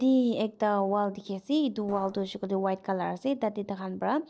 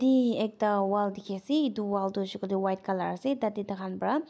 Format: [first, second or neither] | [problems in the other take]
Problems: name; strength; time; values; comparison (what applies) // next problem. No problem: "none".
second | noise reduction (neural separator model SepFormer DNS4)